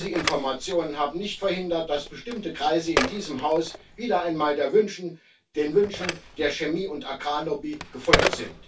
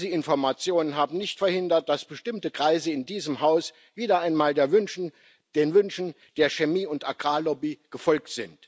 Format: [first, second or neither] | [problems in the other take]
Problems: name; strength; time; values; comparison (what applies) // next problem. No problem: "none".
second | background sound (Telephone); 5 dB below the speech // room echo; dies away in 0.1 s